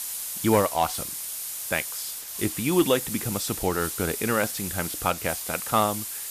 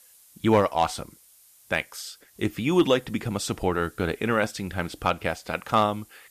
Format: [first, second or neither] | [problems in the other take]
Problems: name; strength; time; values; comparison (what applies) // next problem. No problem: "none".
second | hiss; loud; throughout; 4 dB below the speech; faint in the second